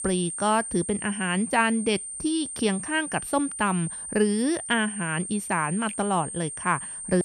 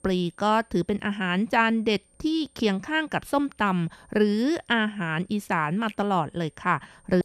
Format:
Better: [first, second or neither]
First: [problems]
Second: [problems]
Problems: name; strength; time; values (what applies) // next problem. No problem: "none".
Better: second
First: high-pitched whine; loud; throughout; 8.5 kHz, 7 dB below the speech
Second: high-pitched whine; faint; throughout; 8.5 kHz, 35 dB below the speech